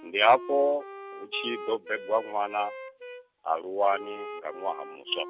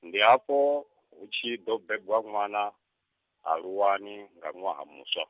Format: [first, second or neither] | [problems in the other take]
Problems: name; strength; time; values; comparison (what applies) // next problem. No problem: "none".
second | background sound (Wind instrument, woodwind instrument); 13 dB below the speech